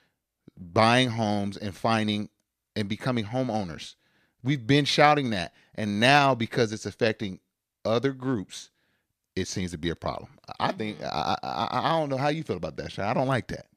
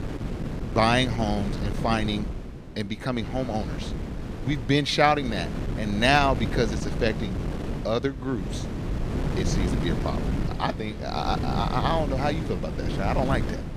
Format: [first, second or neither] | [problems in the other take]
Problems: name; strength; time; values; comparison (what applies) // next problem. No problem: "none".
first | wind noise on the microphone; occasional gusts; 10 dB below the speech